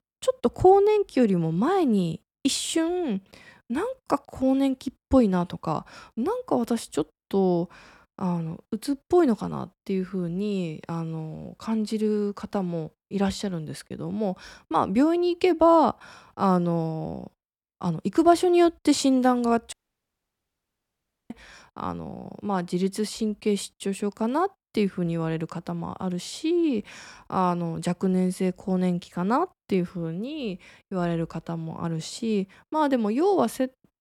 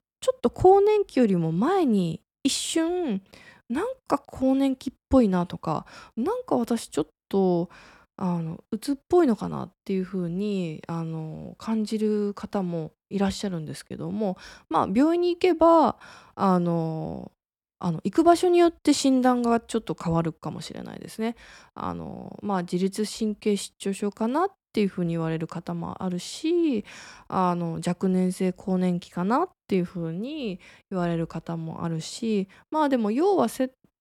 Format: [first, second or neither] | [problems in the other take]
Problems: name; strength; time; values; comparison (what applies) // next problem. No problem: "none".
second | audio cutting out; at 20 s for 1.5 s